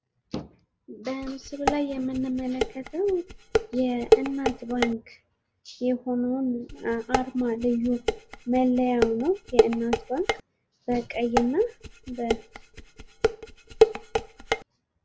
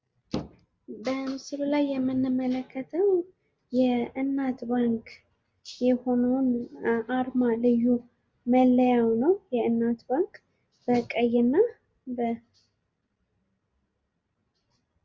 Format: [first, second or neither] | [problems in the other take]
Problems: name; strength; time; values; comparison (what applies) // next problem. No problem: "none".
second | background sound (Dishes, pots, and pans); 1 dB above the speech